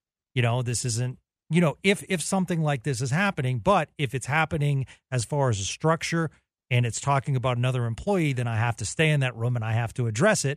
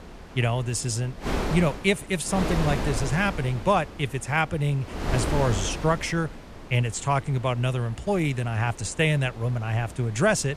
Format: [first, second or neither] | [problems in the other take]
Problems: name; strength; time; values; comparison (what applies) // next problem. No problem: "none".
first | wind noise on the microphone; heavy; 9 dB below the speech